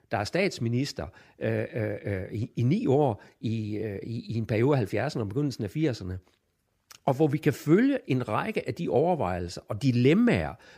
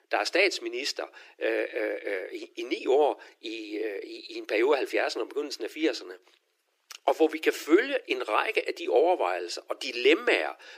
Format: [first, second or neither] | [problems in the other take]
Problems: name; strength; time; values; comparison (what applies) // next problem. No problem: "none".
first | thin; very; fading below 350 Hz